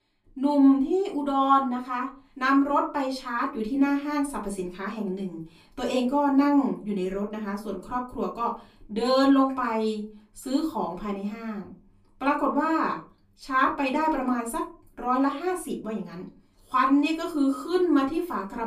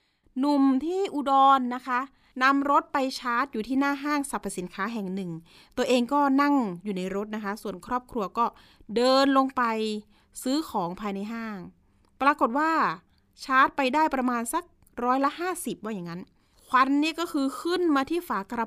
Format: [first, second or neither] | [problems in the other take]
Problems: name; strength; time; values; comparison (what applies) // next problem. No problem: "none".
second | off-mic speech; far // room echo; very slight; dies away in 0.3 s